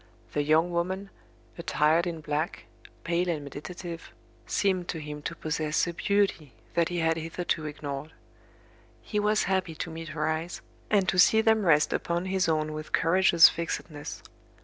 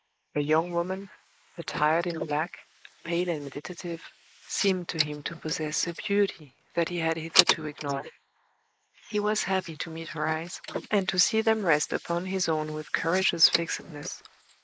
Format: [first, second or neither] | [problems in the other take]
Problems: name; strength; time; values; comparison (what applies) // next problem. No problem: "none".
first | noise reduction (neural mask model Resemble Enhance denoiser)